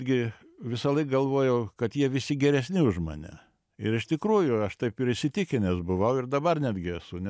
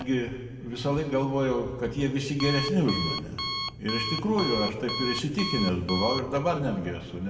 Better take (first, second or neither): first